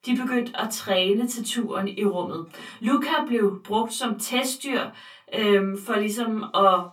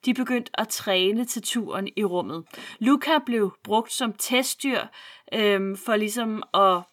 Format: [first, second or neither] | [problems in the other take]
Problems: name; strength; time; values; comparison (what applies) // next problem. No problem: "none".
second | off-mic speech; far // room echo; very slight; dies away in 0.2 s